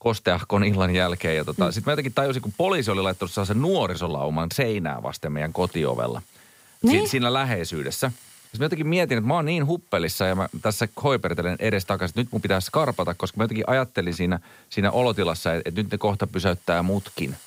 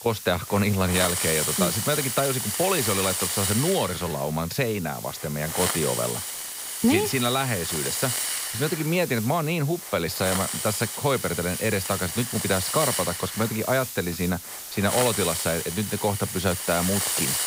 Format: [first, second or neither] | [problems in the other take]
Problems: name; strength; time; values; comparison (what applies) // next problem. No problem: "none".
first | hiss; loud; throughout; 2 dB below the speech; faint in the first